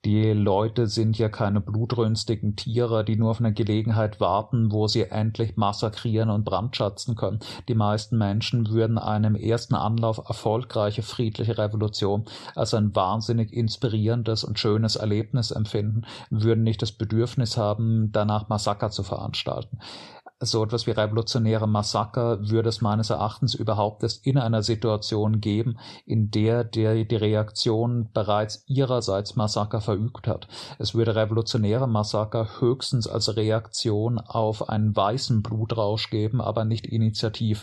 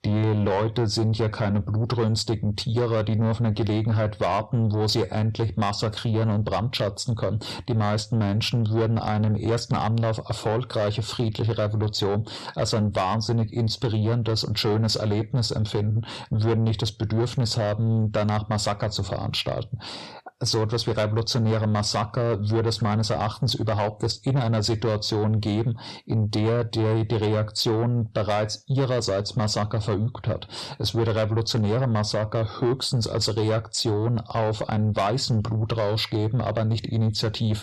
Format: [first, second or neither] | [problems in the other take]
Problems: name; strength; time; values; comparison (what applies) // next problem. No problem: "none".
first | distortion; slight; 10 dB below the speech